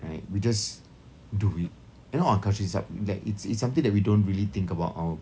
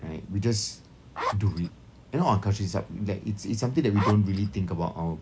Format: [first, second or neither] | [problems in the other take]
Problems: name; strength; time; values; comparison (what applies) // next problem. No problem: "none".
first | background sound (Zipper (clothing)); 6 dB below the speech